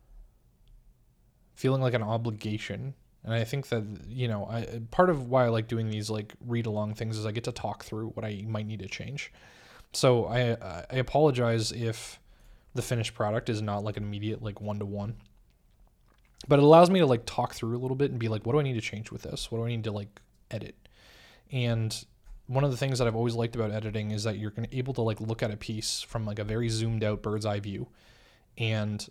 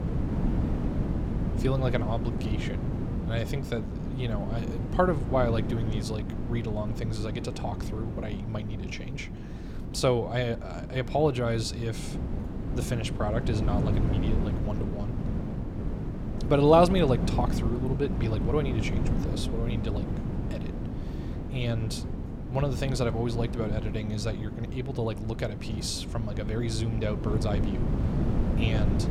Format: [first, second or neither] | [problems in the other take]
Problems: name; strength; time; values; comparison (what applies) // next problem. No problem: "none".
first | wind noise on the microphone; heavy; 8 dB below the speech